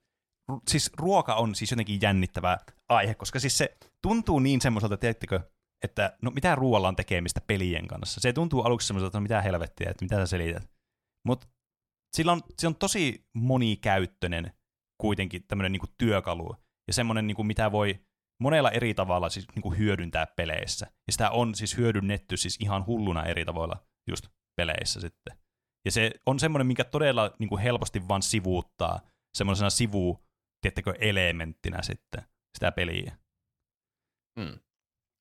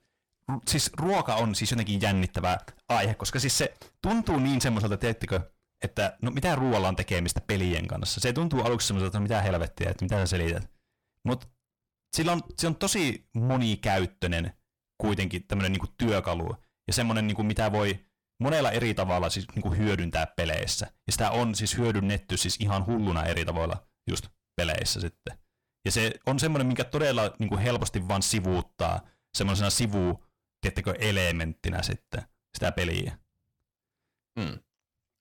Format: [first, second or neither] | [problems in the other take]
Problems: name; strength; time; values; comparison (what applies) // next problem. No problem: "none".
first | distortion; heavy; 8 dB below the speech